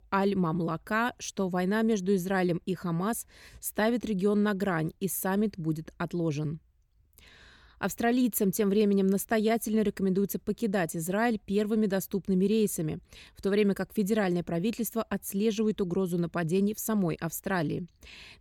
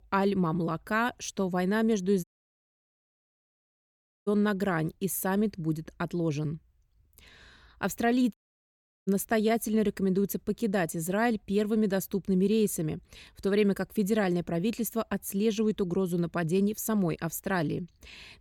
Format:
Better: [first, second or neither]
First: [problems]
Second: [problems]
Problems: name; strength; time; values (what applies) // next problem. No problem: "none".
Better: first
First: none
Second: audio cutting out; at 2 s for 2 s and at 8.5 s for 0.5 s